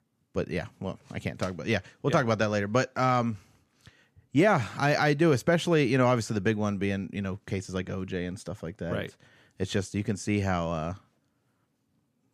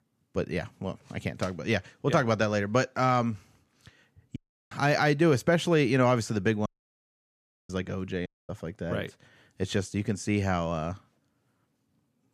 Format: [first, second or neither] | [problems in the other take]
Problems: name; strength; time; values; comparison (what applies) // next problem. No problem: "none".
first | audio cutting out; at 4.5 s, at 6.5 s for 1 s and at 8.5 s